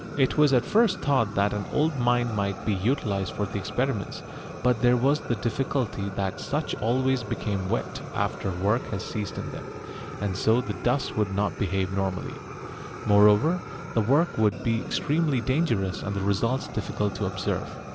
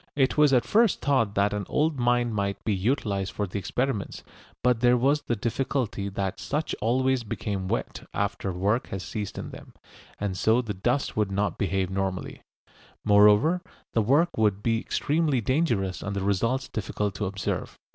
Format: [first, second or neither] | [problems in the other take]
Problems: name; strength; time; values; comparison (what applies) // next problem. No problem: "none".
second | background sound (Fire); 11 dB below the speech